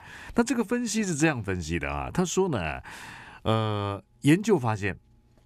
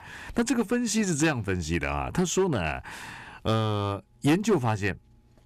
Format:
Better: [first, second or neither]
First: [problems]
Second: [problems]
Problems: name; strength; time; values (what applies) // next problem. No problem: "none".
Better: first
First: none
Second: distortion; slight; 4% of the sound clipped